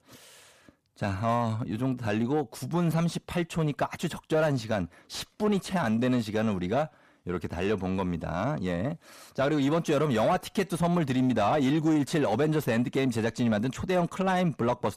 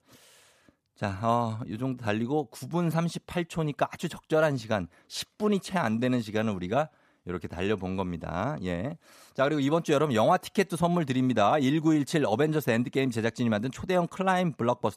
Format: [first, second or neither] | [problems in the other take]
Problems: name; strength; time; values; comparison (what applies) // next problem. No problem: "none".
second | distortion; slight; 10 dB below the speech